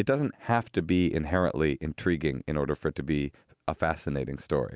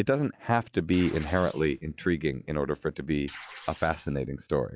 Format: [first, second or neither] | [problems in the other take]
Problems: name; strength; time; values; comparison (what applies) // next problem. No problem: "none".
first | noise reduction (classical method log-MMSE)